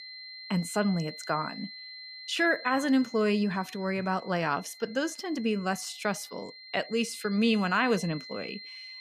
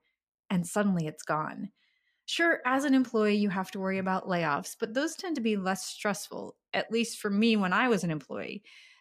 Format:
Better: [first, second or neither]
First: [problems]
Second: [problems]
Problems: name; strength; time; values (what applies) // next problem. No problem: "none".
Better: second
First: high-pitched whine; noticeable; throughout; 4 kHz, 15 dB below the speech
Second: none